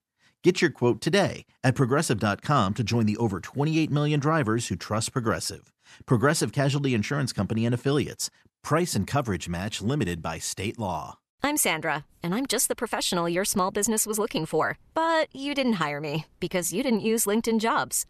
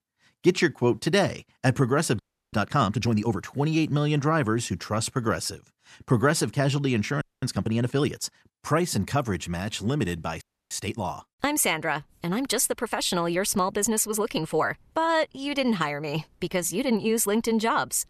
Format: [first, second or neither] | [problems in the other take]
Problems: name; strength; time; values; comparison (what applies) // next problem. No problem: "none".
first | audio freezing; at 2 s, at 7 s and at 10 s